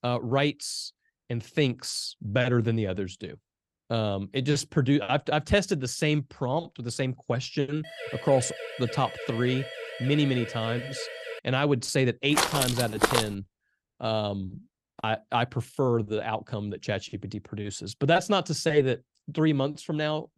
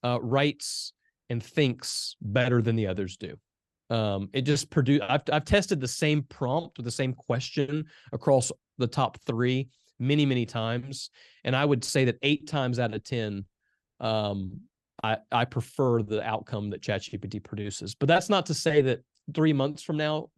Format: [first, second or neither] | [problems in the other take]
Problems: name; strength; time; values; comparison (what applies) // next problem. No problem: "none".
second | siren; noticeable; from 8 to 11 s; peak 9 dB below the speech // footsteps; loud; at 12 s; peak 3 dB above the speech